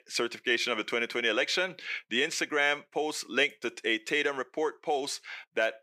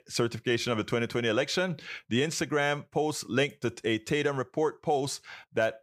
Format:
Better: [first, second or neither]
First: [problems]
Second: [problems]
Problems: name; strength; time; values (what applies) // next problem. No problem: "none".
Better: second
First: thin; somewhat; fading below 300 Hz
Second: none